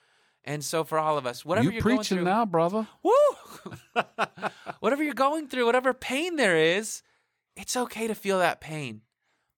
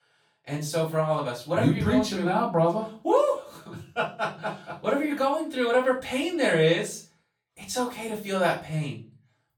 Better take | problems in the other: first | off-mic speech; far // room echo; slight; dies away in 0.3 s

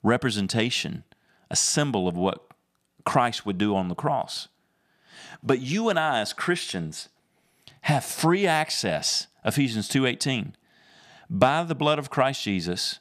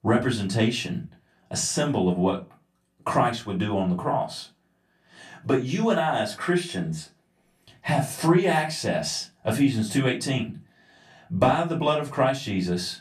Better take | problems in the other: first | off-mic speech; far // room echo; very slight; dies away in 0.2 s

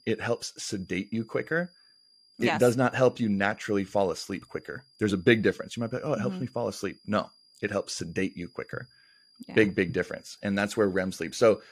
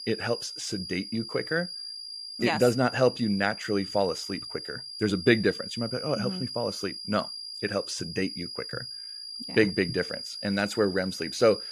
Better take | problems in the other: first | high-pitched whine; loud; throughout; 5 kHz, 8 dB below the speech; faint in the first

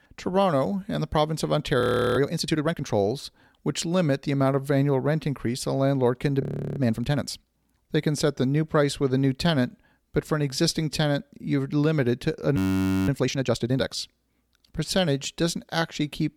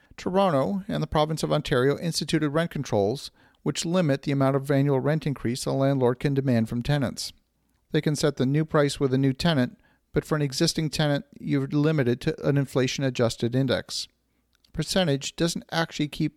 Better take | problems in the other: second | audio freezing; at 2 s, at 6.5 s and at 13 s for 0.5 s

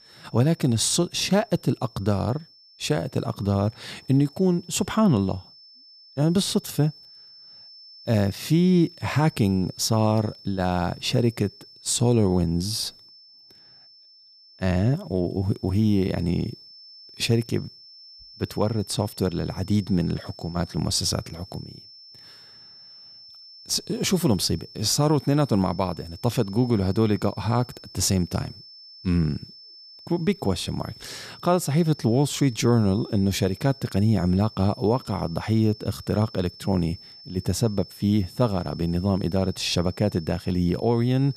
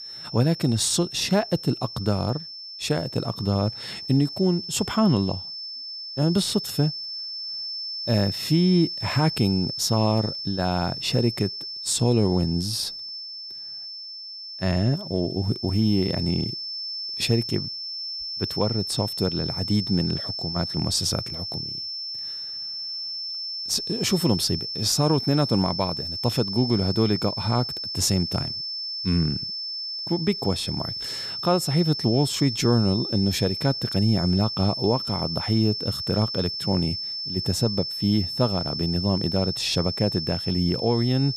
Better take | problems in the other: first | high-pitched whine; loud; throughout; 5.5 kHz, 5 dB below the speech; faint in the first

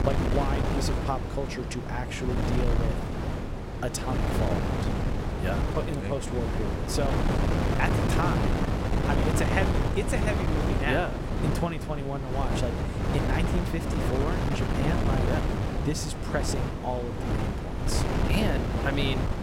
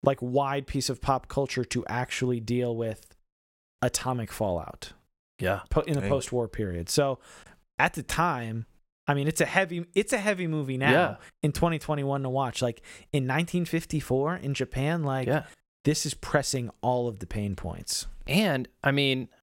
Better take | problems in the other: second | wind noise on the microphone; heavy; as loud as the speech

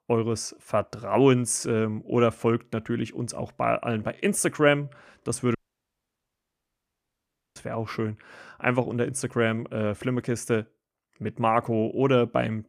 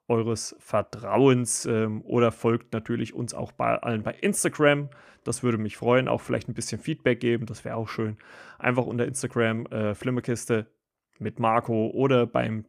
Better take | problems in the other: second | audio cutting out; at 5.5 s for 2 s

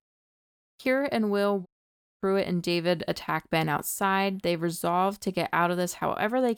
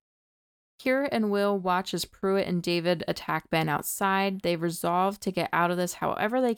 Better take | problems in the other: second | audio cutting out; at 1.5 s for 0.5 s

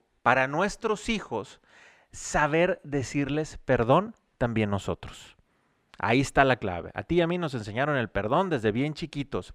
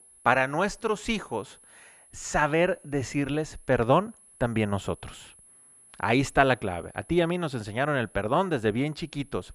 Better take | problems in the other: first | high-pitched whine; faint; throughout; 10.5 kHz, 25 dB below the speech

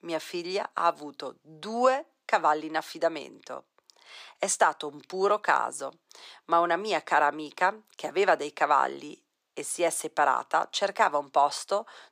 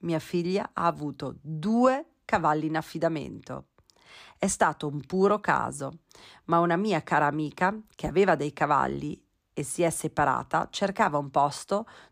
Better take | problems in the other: second | thin; somewhat; fading below 500 Hz

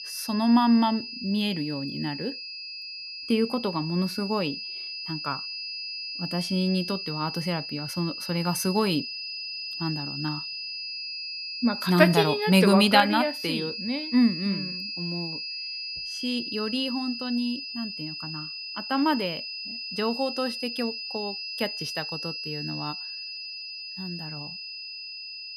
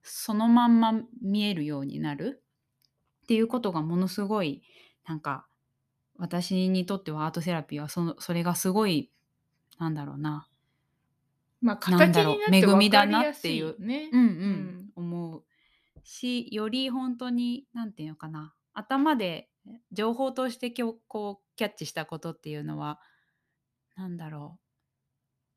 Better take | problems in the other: second | high-pitched whine; loud; throughout; 5 kHz, 7 dB below the speech

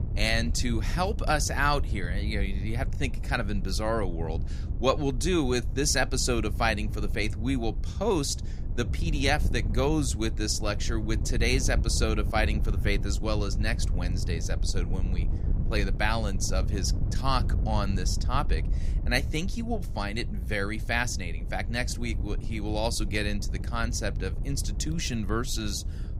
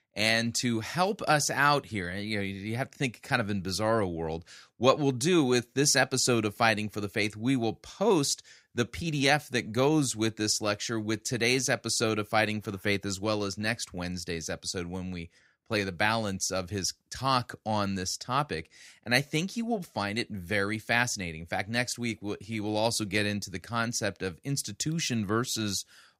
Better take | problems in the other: second | wind noise on the microphone; occasional gusts; 15 dB below the speech

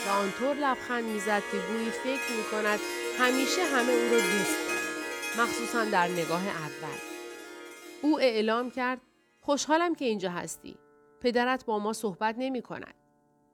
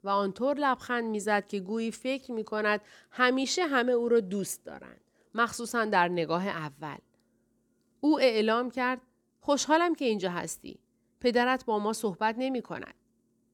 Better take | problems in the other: second | background music; loud; throughout; 3 dB below the speech

